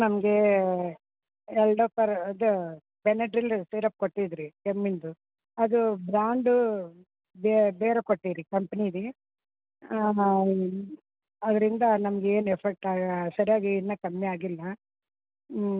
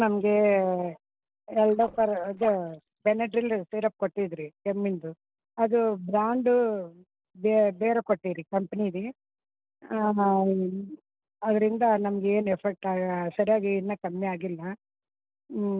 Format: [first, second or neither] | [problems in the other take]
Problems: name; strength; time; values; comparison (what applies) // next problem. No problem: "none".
first | noise reduction (neural separator model SepFormer DNS4)